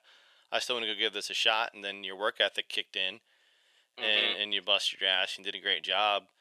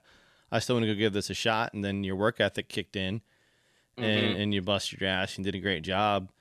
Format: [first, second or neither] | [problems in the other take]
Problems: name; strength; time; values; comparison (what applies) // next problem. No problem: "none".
second | thin; very; fading below 650 Hz